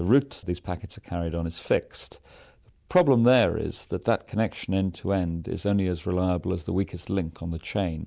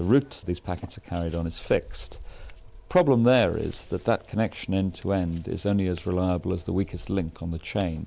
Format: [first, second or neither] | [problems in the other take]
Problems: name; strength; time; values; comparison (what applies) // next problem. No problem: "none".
first | background sound (Scissors); 19 dB below the speech